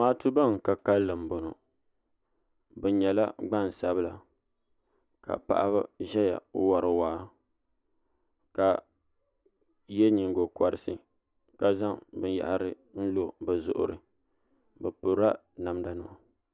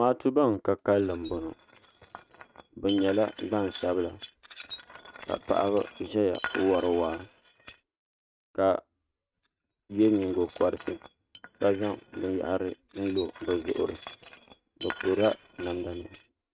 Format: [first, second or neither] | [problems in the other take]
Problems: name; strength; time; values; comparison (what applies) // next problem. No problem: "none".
first | noise reduction (neural mask model RNNoise)